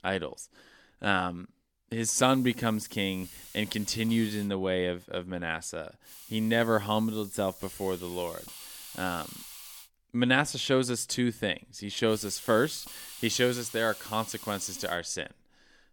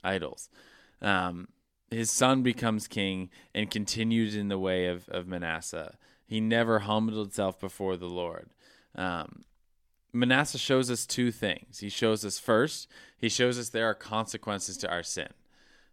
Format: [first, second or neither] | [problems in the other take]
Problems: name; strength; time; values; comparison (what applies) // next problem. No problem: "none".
second | hiss; noticeable; from 2 to 4.5 s, from 6 to 10 s and from 12 to 15 s; 15 dB below the speech